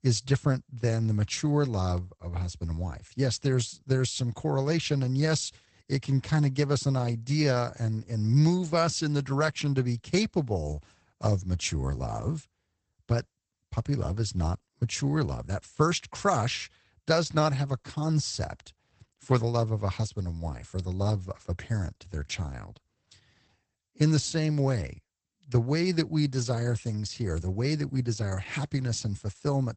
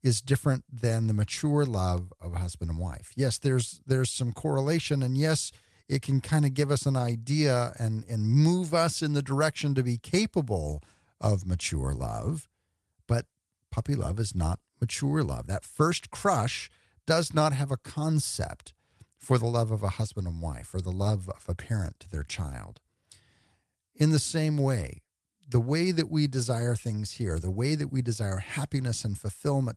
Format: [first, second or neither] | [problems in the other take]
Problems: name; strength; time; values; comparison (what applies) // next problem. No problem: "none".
second | garbled, watery; badly; nothing above 8 kHz; slightly in the second